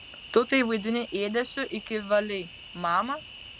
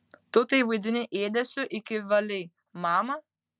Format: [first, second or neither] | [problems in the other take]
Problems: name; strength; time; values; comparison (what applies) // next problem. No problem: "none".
second | background sound (Cricket); 17 dB below the speech